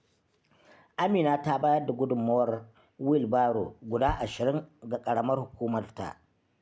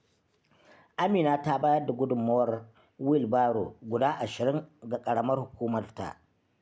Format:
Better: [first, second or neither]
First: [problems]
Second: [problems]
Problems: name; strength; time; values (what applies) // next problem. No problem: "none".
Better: second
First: background sound (Bass drum); 15 dB below the speech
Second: none